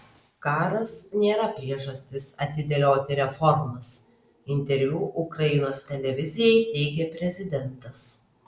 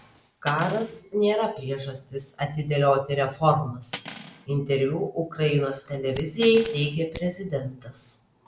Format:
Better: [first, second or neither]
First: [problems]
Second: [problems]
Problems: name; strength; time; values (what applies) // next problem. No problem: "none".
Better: first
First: none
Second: background sound (Cutlery, silverware + Hands); 18 dB below the speech